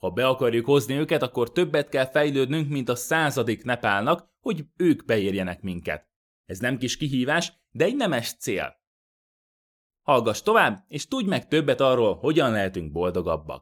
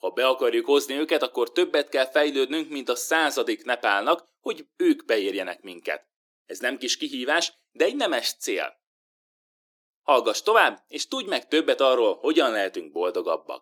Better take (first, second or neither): first